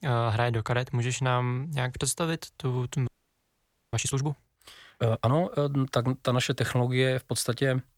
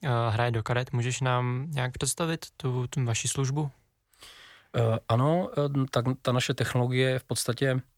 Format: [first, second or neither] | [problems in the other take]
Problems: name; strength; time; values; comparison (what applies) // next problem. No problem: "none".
second | audio freezing; at 3 s for 1 s